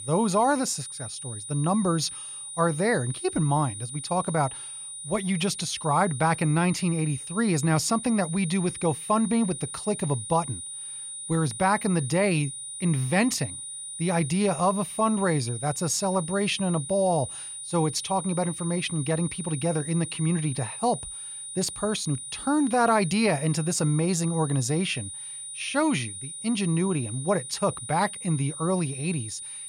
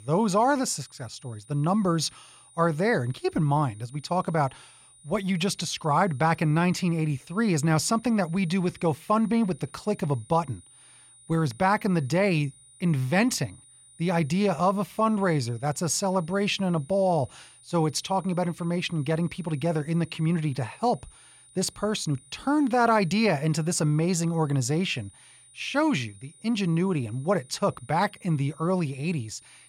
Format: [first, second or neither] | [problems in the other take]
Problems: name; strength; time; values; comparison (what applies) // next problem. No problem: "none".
second | high-pitched whine; loud; throughout; 9.5 kHz, 9 dB below the speech; faint in the second